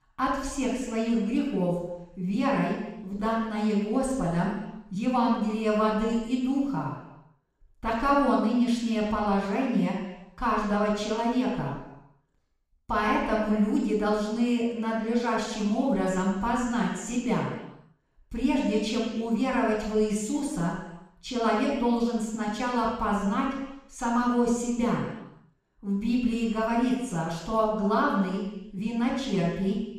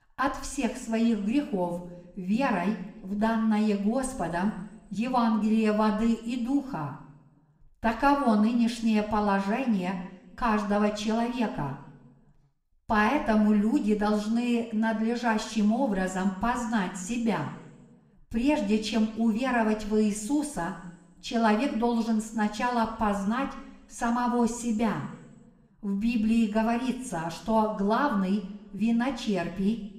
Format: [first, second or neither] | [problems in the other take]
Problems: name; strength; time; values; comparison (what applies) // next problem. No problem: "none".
second | room echo; strong; dies away in 0.9 s; slight in the second // off-mic speech; far